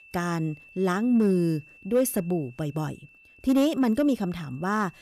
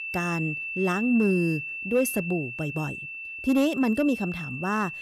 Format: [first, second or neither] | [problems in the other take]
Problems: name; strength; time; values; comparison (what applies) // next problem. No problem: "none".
first | high-pitched whine; loud; throughout; 2.5 kHz, 6 dB below the speech; faint in the first